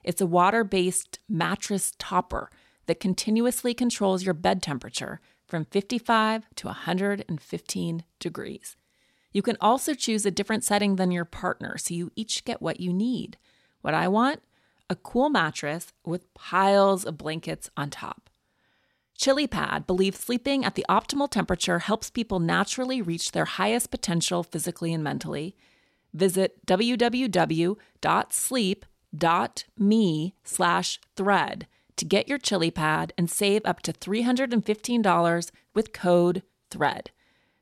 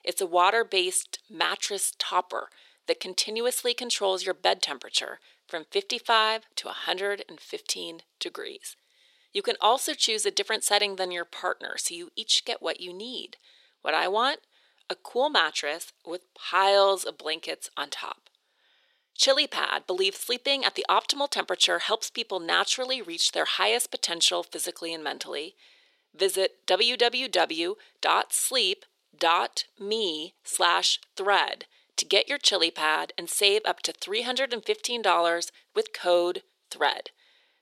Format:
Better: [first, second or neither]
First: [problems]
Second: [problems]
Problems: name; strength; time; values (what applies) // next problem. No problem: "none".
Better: first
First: none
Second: thin; very; fading below 400 Hz